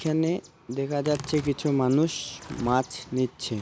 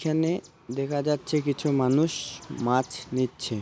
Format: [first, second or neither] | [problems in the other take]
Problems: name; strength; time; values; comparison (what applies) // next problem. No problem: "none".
second | background sound (Tearing); 19 dB below the speech